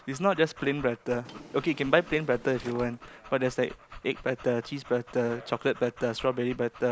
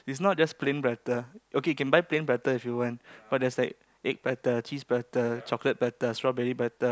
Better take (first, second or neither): second